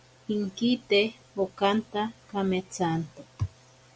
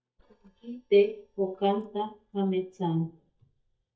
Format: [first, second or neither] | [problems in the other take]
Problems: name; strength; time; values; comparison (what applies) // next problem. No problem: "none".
first | noise reduction (neural mask model DeepFilterNet 3)